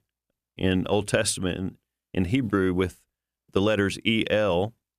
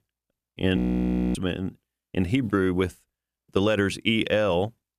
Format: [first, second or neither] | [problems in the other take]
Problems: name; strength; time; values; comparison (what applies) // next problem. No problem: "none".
first | audio freezing; at 1 s for 0.5 s